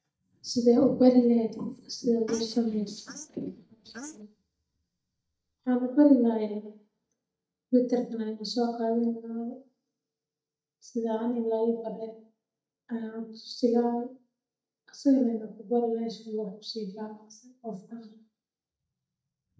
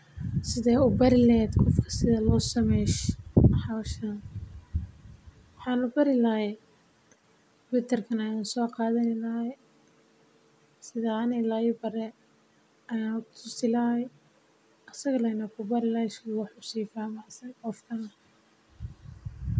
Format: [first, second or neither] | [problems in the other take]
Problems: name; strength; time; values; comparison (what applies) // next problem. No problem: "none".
second | noise reduction (neural mask model DeepFilterNet 3)